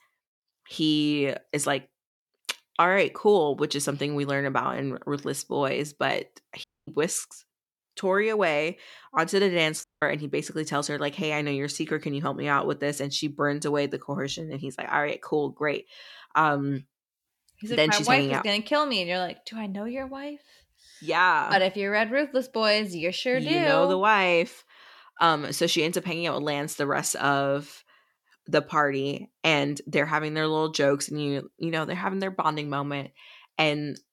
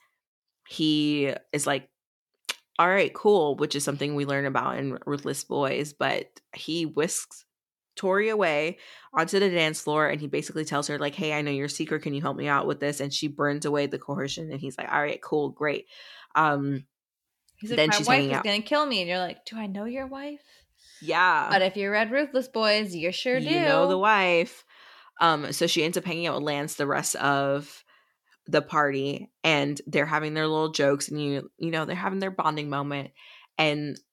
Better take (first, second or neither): second